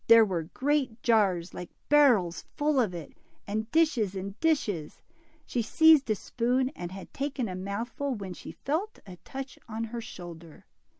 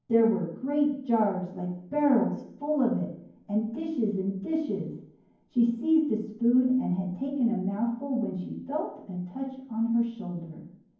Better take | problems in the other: first | room echo; dies away in 0.9 s

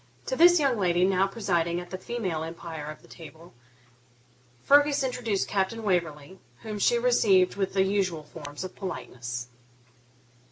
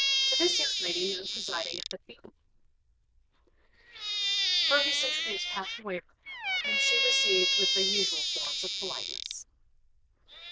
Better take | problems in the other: first | noise reduction (neural diffusion model UNIVERSE++)

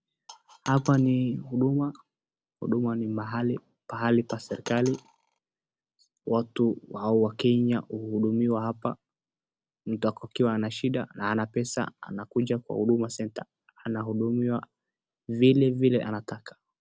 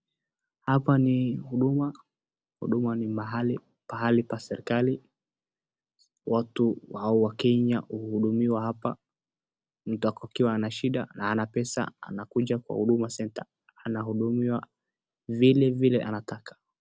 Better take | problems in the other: second | background sound (Coin (dropping)); 19 dB below the speech

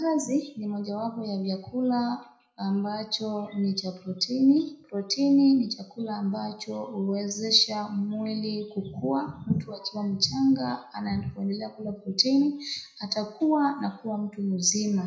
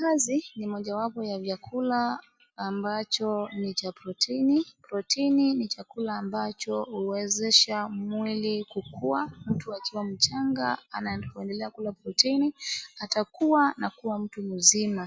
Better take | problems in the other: second | room echo; dies away in 0.5 s

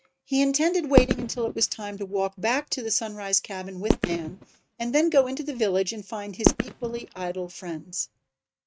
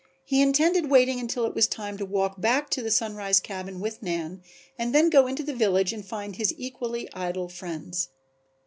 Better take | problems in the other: second | noise reduction (neural mask model RNNoise)

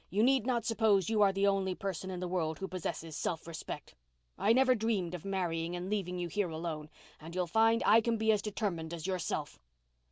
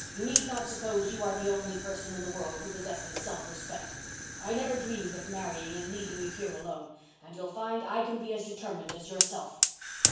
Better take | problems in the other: first | background sound (Fire); as loud as the speech // room echo; dies away in 0.7 s

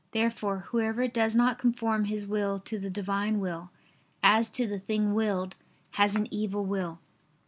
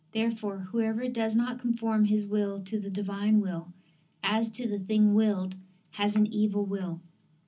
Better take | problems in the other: first | room echo; dies away in 0.4 s

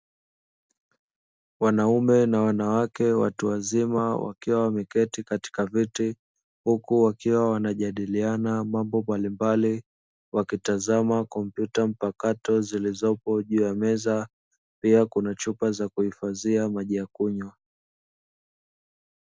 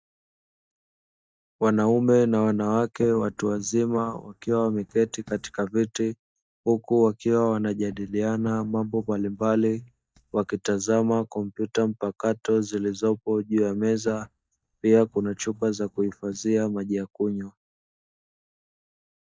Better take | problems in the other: first | noise reduction (neural mask model DeepFilterNet 3)

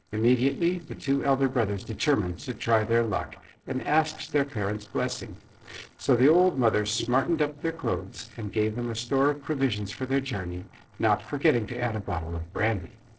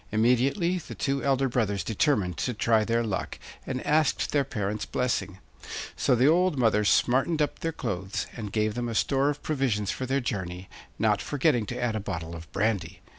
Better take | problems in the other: second | noise reduction (neural separator model SepFormer DNS4)

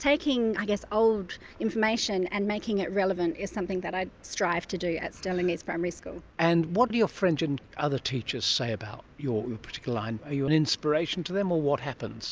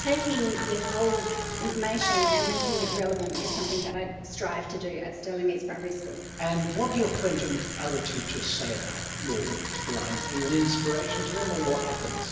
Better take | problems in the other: first | background sound (Bicycle); 3 dB below the speech // room echo; dies away in 1 s

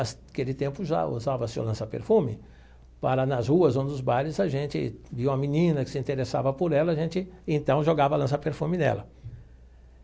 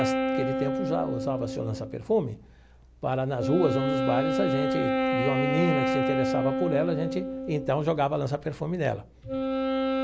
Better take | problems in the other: first | background sound (Wind instrument, woodwind instrument); as loud as the speech

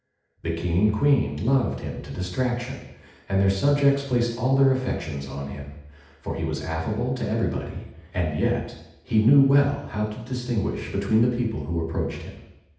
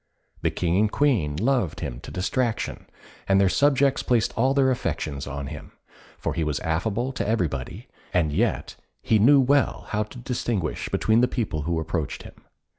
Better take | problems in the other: second | room echo; dies away in 0.8 s

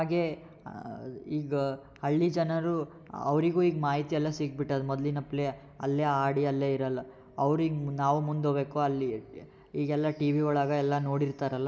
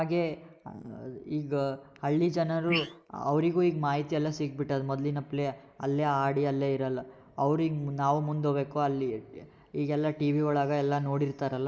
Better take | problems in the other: first | noise reduction (neural mask model Resemble Enhance denoiser)

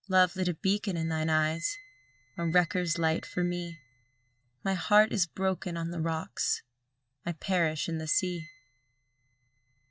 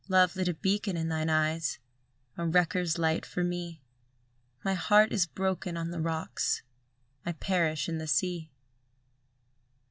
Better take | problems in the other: second | noise reduction (neural mask model RNNoise)

